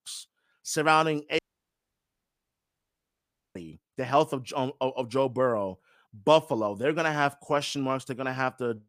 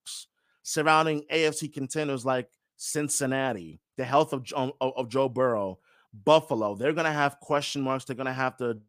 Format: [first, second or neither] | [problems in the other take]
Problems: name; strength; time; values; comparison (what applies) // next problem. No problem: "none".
second | audio cutting out; at 1.5 s for 2 s